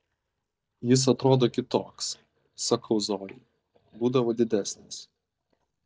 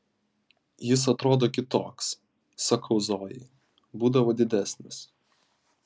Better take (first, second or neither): second